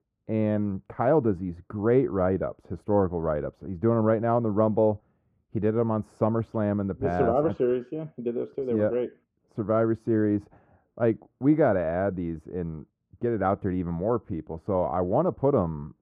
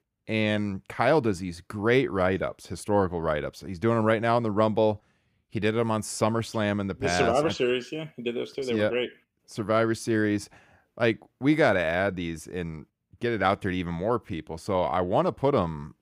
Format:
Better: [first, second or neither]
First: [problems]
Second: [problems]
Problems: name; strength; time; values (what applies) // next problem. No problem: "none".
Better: second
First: muffled; very; fading above 2 kHz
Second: none